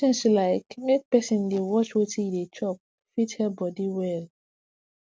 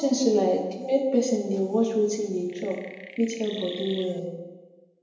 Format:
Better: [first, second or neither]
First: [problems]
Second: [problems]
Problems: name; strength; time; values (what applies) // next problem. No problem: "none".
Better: first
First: none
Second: background sound (Chirp, tweet); 16 dB below the speech // room echo; dies away in 0.9 s